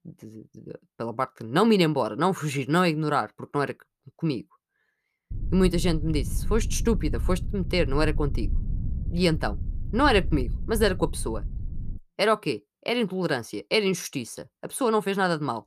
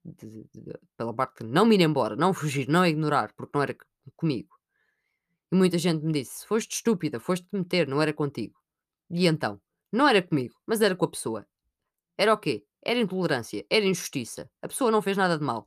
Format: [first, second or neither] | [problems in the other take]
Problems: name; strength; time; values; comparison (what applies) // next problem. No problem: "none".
second | low rumble; faint; from 5.5 to 12 s; 20 dB below the speech